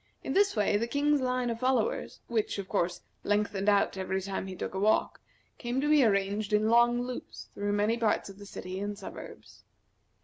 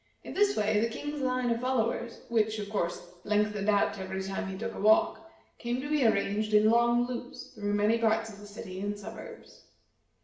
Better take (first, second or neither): first